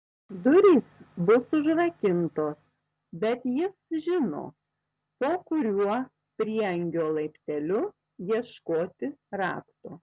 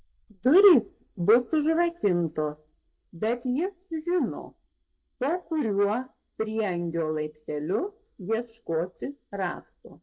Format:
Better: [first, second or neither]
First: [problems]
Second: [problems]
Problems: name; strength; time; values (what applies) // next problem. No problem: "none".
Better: first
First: none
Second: noise reduction (neural mask model DeepFilterNet 3)